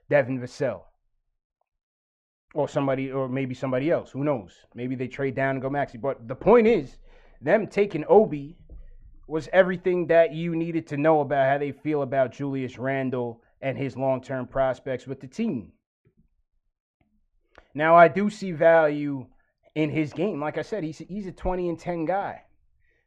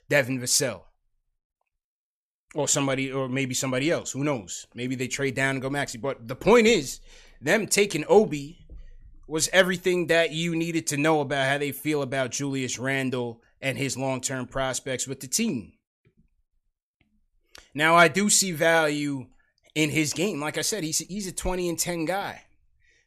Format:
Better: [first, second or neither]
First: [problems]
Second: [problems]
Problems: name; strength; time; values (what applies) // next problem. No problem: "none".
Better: second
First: muffled; very; fading above 1.5 kHz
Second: none